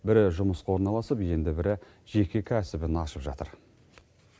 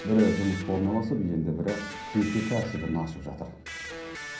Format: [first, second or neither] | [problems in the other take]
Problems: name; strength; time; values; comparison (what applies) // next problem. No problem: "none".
first | background sound (Electric guitar); 12 dB below the speech // room echo; dies away in 0.6 s